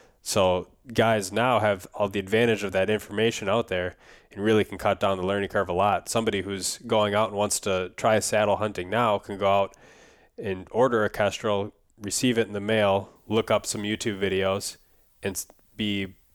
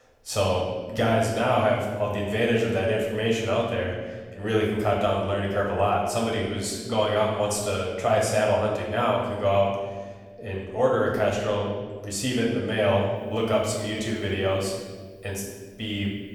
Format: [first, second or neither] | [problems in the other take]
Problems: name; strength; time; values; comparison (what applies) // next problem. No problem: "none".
first | room echo; noticeable; dies away in 1.4 s // off-mic speech; far